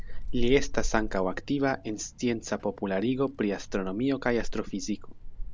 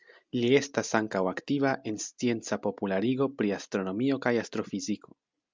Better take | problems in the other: second | background sound (Wind); 3 dB below the speech

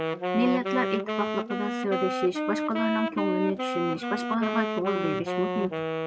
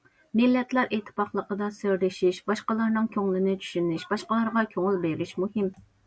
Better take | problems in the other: second | background sound (Wind instrument, woodwind instrument); as loud as the speech

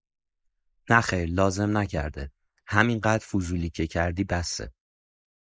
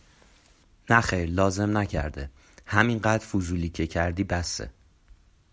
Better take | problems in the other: second | noise reduction (neural mask model Resemble Enhance denoiser)

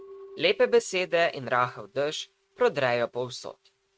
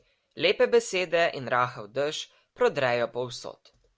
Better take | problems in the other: second | noise reduction (neural mask model RNNoise)

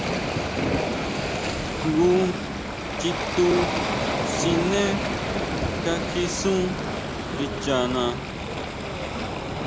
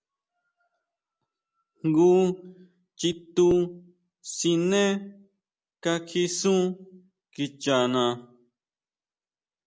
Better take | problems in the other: second | background sound (Waves, surf); as loud as the speech

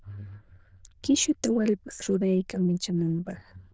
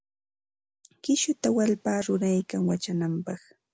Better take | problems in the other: second | noise reduction (neural diffusion model UNIVERSE++)

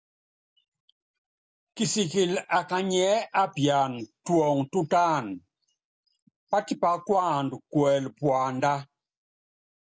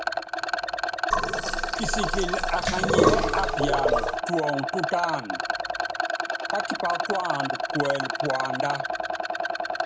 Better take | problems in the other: first | background sound (Rattle + Sink (filling or washing)); 5 dB above the speech

